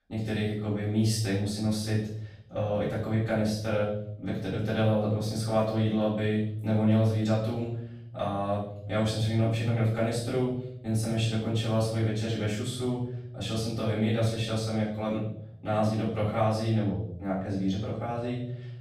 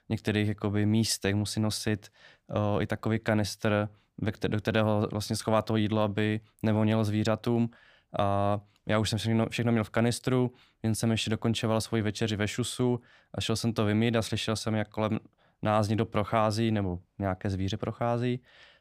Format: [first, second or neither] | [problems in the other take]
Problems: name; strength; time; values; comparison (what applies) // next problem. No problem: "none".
second | off-mic speech; far // room echo; noticeable; dies away in 0.8 s